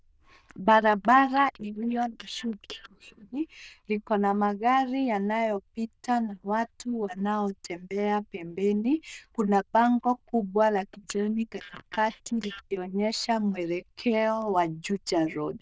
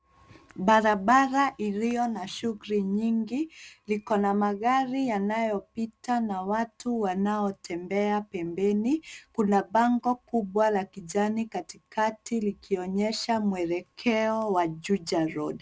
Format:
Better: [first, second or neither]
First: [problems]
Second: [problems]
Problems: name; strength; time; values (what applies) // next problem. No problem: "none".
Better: second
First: noise reduction (neural diffusion model UNIVERSE++)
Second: none